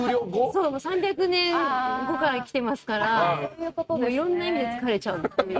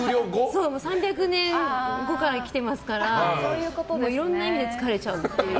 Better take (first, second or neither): second